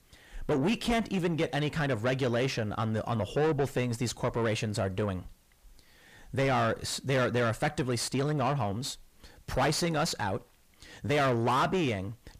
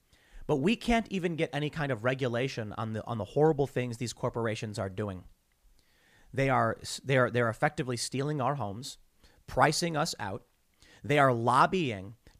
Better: second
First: distortion; heavy; 6 dB below the speech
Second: none

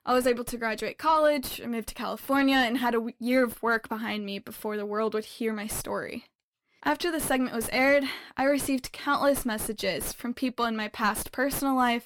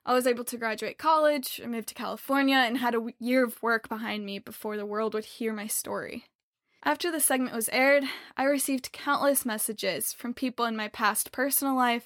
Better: second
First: distortion; slight; 8 dB below the speech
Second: none

